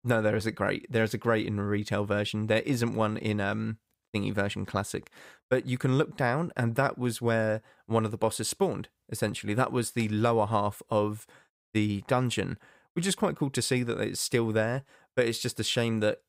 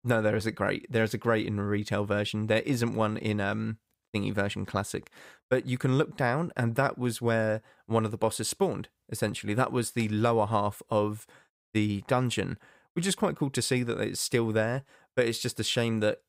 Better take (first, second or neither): neither